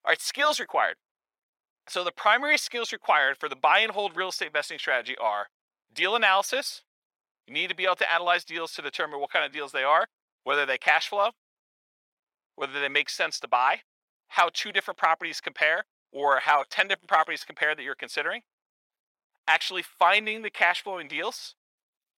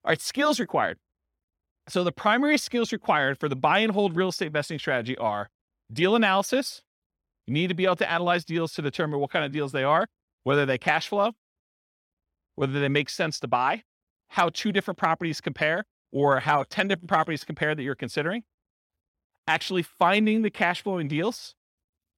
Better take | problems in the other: second | thin; very; fading below 750 Hz

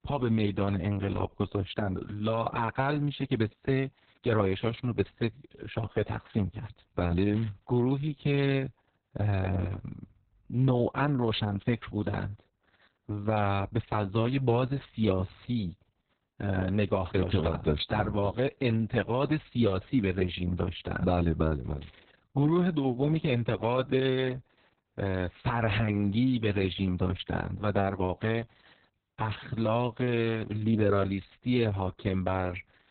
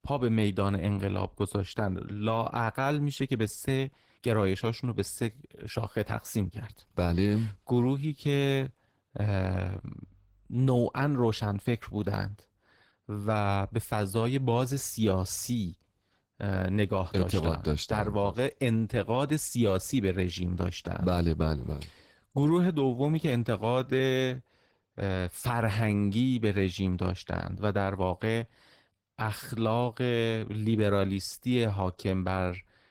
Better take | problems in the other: second | garbled, watery; badly; nothing above 4 kHz; slightly in the second

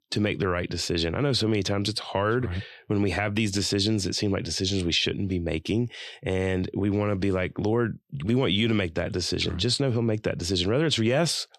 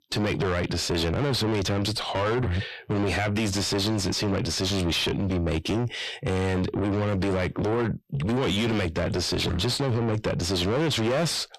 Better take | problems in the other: first | distortion; heavy; 6 dB below the speech

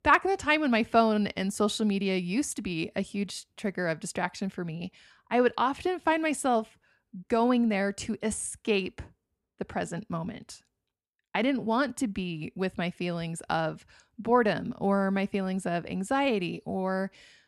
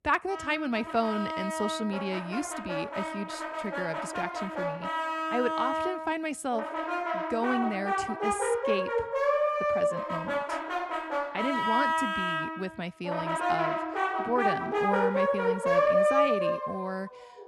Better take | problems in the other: first | background music; very loud; throughout; 4 dB above the speech

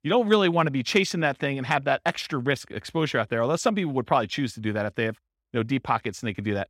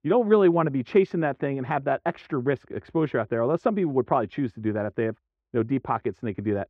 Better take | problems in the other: first | muffled; very; fading above 3.5 kHz

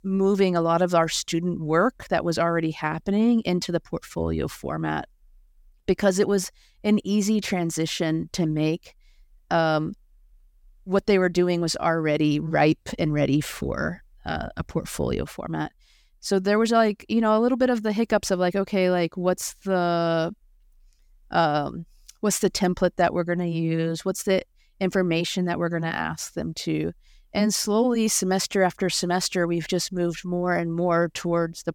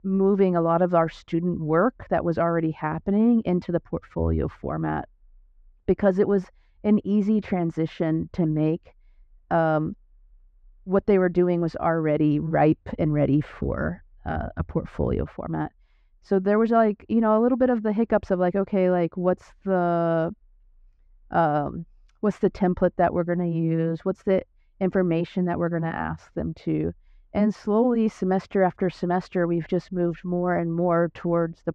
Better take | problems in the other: first | muffled; very; fading above 1.5 kHz

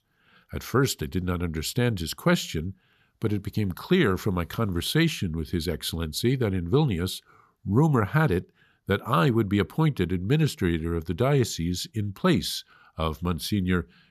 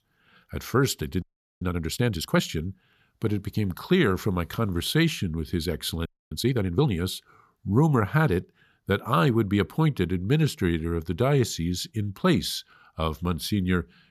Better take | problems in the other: first | audio freezing; at 1 s and at 6 s

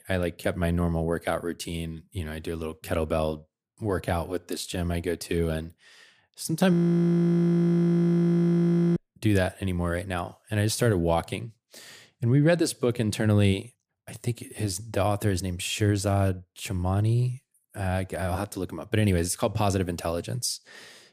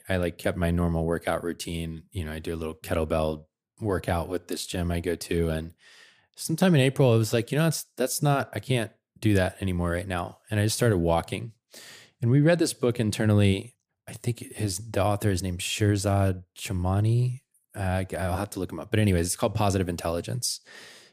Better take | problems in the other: second | audio freezing; at 6.5 s for 2 s

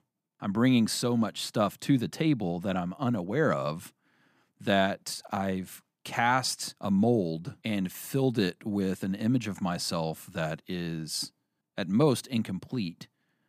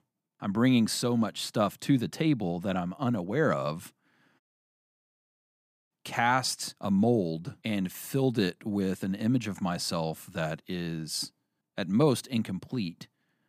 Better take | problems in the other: first | audio cutting out; at 4.5 s for 1.5 s

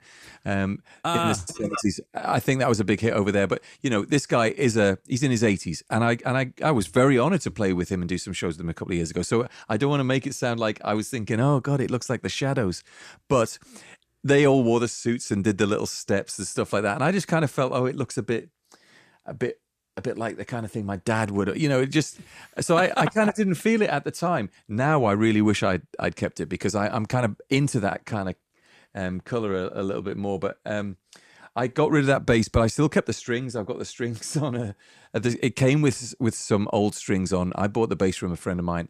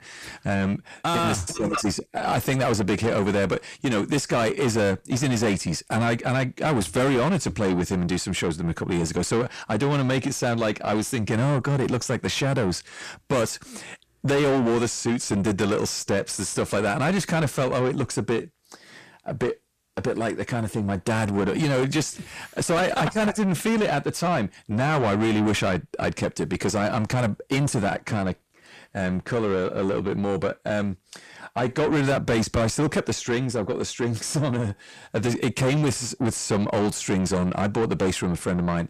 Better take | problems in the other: first | distortion; heavy; 7 dB below the speech

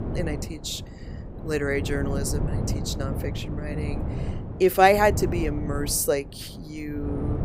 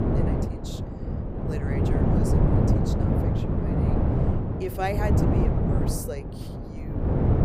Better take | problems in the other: first | wind noise on the microphone; heavy; 4 dB above the speech; occasional gusts in the first

